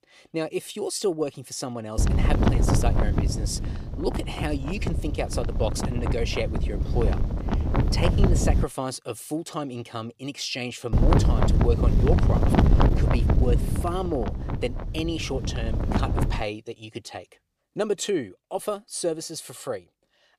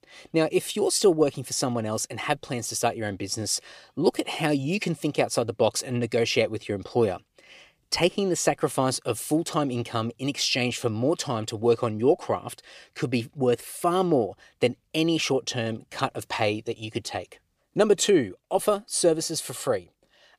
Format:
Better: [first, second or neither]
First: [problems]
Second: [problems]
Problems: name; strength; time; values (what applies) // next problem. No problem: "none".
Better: second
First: wind noise on the microphone; heavy; from 2 to 8.5 s and from 11 to 16 s; 1 dB below the speech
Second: none